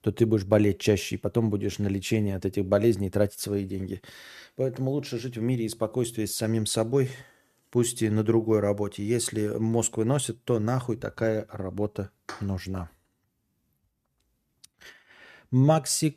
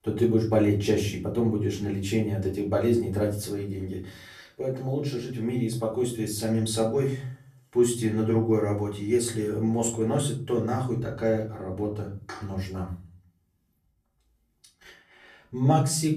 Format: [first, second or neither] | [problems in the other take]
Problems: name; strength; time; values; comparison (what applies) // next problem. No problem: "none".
first | off-mic speech; far // room echo; slight; dies away in 0.4 s